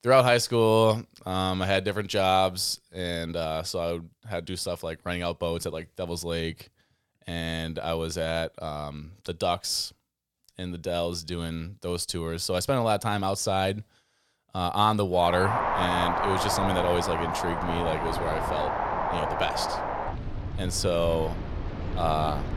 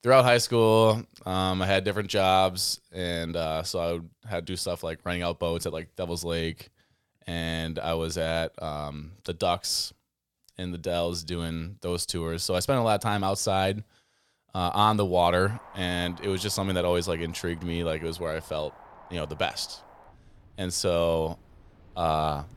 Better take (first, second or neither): second